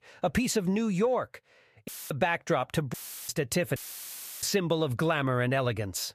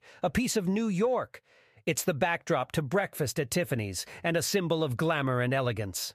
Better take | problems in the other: second | audio cutting out; filled with static; at 2 s, at 3 s and at 4 s for 0.5 s

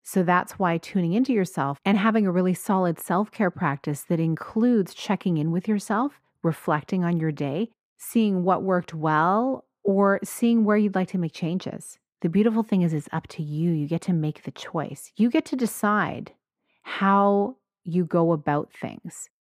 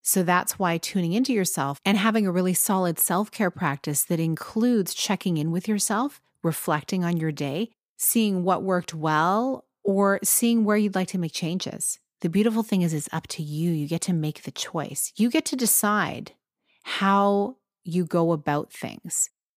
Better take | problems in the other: second | muffled; slightly; fading above 3.5 kHz

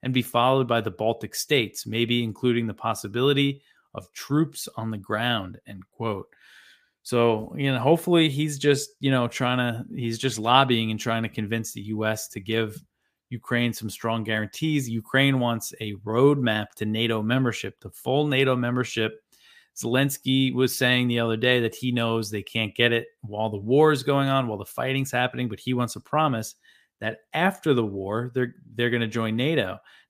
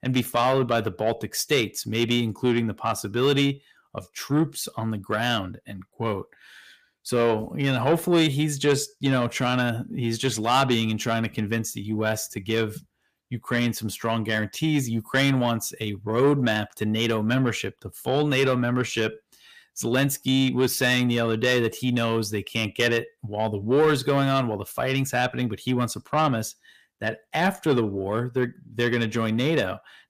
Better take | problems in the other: first | distortion; slight; 10 dB below the speech

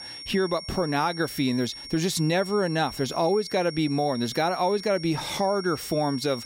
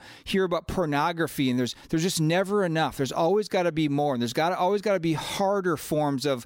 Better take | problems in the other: second | high-pitched whine; noticeable; throughout; 5.5 kHz, 10 dB below the speech

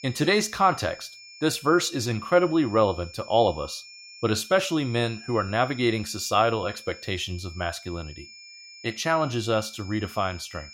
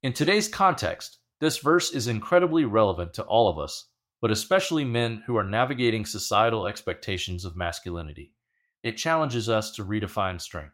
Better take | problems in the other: second | high-pitched whine; noticeable; throughout; 5.5 kHz, 20 dB below the speech

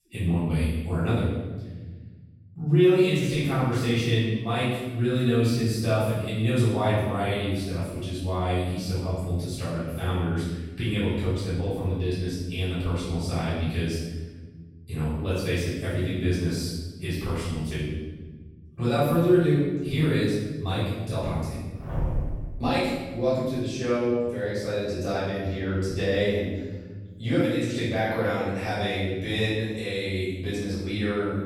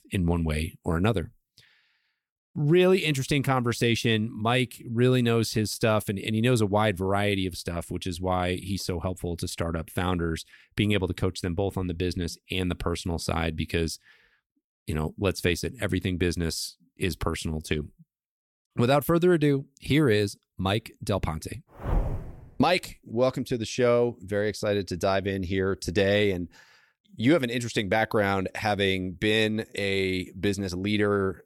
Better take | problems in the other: second | off-mic speech; far // room echo; strong; dies away in 1.4 s

